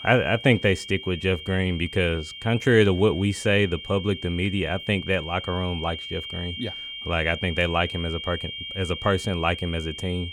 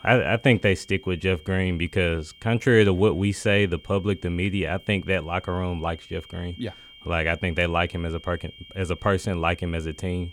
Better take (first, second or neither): second